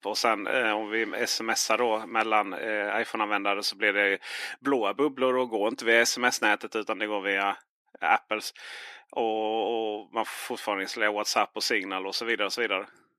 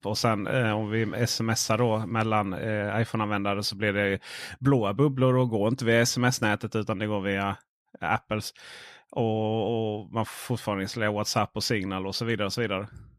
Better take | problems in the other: second | thin; somewhat; fading below 300 Hz

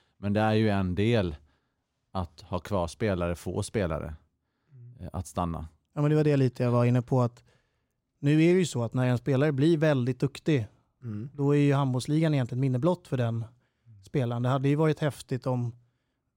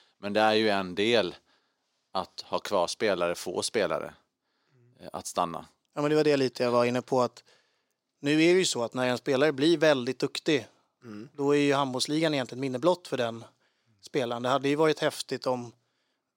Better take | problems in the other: first | thin; somewhat; fading below 350 Hz

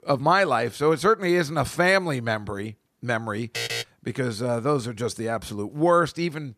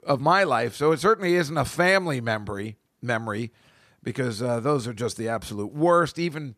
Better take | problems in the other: second | alarm; noticeable; at 3.5 s; peak 4 dB below the speech

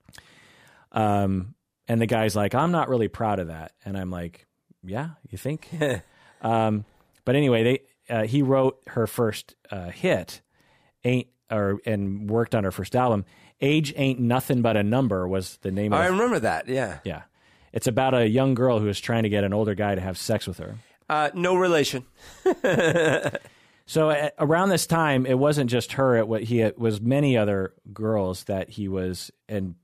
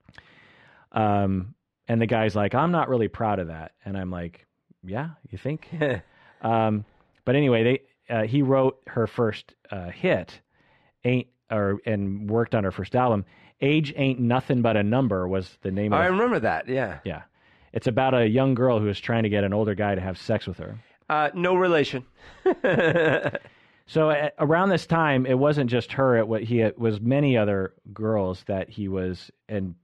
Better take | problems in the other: first | muffled; slightly; fading above 2.5 kHz

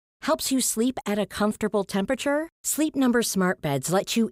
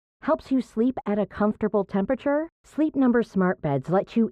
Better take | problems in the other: first | muffled; very; fading above 4 kHz

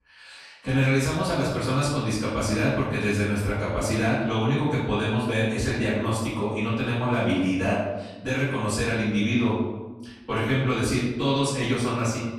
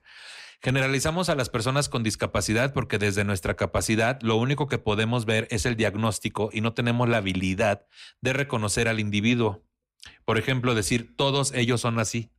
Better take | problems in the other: second | off-mic speech; far // room echo; noticeable; dies away in 1 s

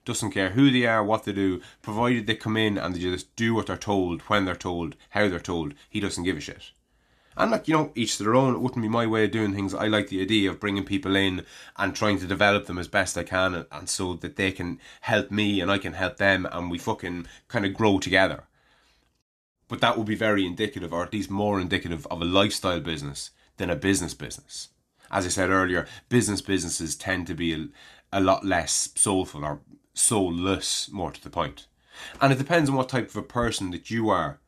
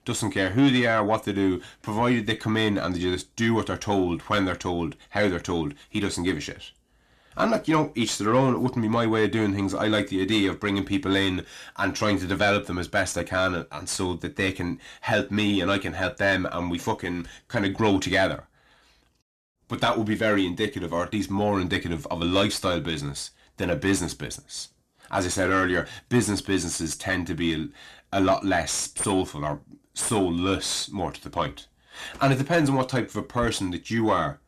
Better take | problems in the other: first | distortion; slight; 10 dB below the speech

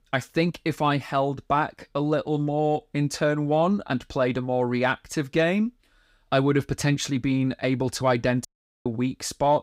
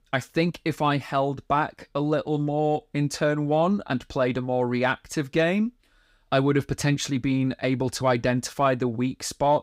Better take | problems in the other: second | audio cutting out; at 8.5 s

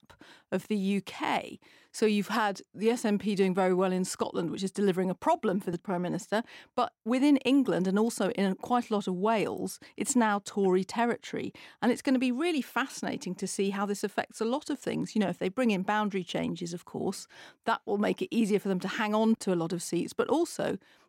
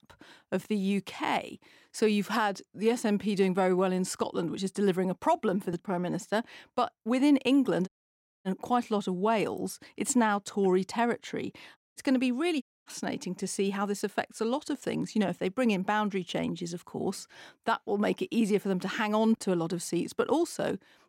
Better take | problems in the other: first | audio cutting out; at 8 s for 0.5 s, at 12 s and at 13 s

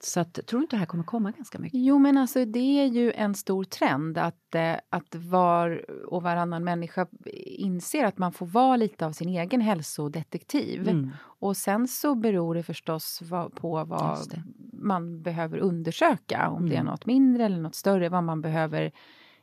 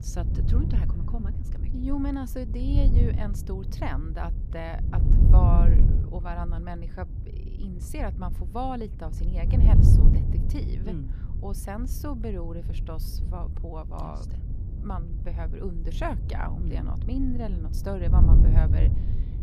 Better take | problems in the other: first | wind noise on the microphone; heavy; 4 dB below the speech

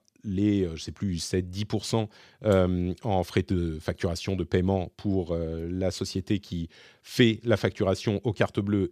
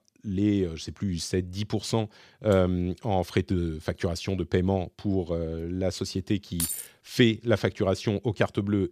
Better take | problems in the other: first | jangling keys; noticeable; at 6.5 s; peak 2 dB below the speech

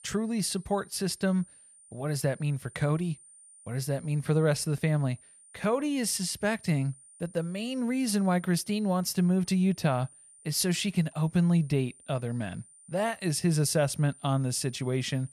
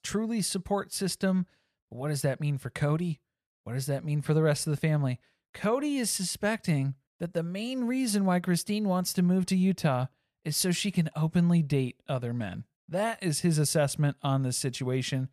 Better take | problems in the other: second | high-pitched whine; faint; throughout; 9 kHz, 25 dB below the speech

